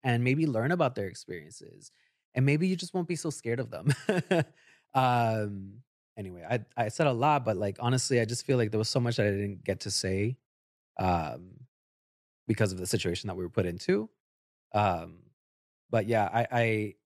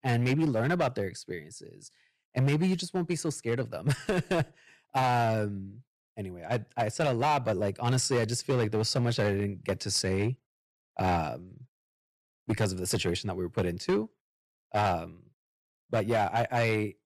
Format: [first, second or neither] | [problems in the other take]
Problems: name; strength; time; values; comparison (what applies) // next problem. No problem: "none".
first | distortion; slight; 6% of the sound clipped